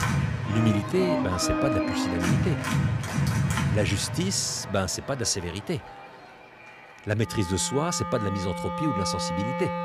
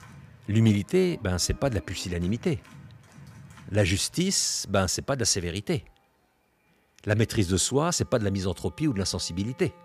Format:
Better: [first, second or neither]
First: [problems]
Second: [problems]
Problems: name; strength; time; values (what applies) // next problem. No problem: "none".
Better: second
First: background music; loud; throughout; 1 dB below the speech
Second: background music; faint; throughout; 25 dB below the speech